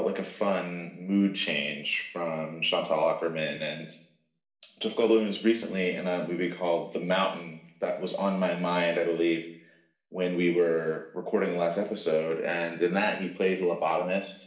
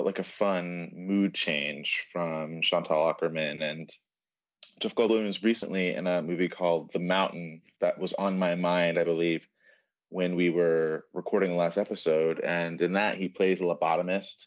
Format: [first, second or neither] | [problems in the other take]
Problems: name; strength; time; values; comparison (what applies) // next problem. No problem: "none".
second | room echo; dies away in 0.7 s